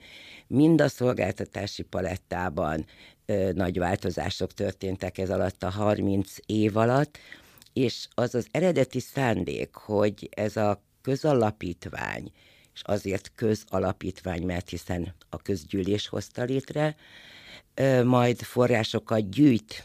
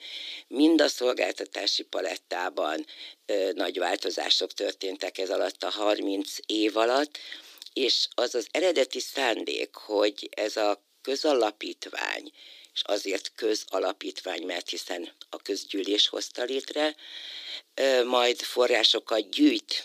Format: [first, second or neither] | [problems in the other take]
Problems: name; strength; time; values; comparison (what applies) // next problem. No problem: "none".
first | thin; somewhat; fading below 300 Hz